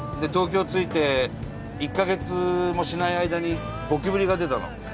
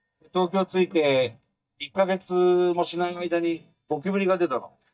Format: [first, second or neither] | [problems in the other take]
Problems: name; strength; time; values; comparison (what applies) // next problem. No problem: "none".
first | noise reduction (neural mask model DeepFilterNet 3)